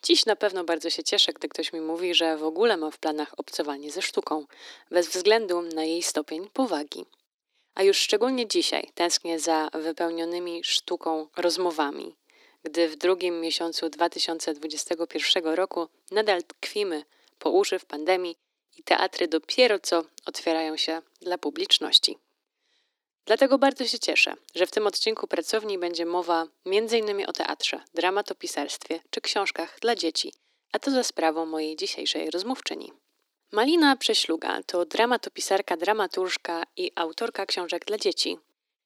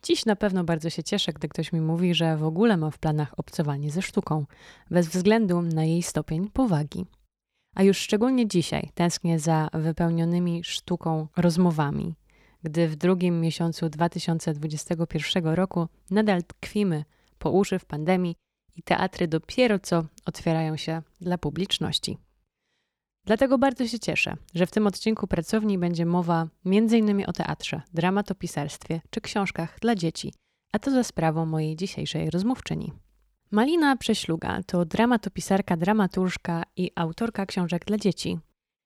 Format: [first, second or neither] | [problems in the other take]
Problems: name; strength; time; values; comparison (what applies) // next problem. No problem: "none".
second | thin; somewhat; fading below 300 Hz